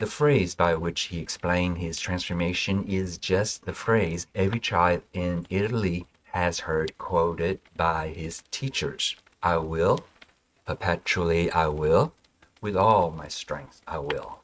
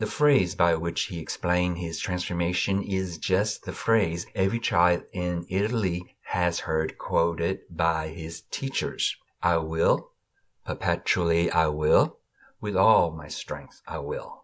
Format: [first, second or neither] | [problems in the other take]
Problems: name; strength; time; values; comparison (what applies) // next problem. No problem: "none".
second | noise reduction (neural mask model RNNoise)